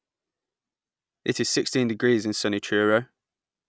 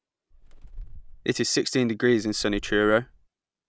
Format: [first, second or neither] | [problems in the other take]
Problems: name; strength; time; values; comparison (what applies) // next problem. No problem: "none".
first | background sound (Bird); 15 dB below the speech